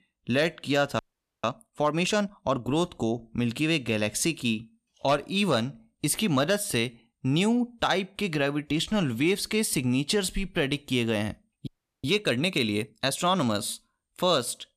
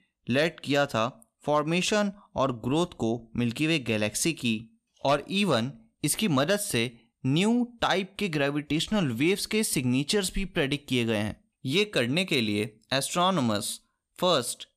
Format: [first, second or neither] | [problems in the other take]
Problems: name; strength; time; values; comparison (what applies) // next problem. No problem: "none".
second | audio freezing; at 1 s and at 12 s